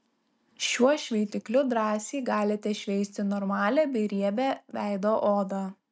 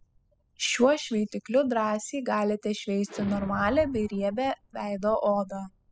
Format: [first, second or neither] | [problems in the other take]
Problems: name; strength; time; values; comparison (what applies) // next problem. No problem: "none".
first | noise reduction (classical method spectral subtraction)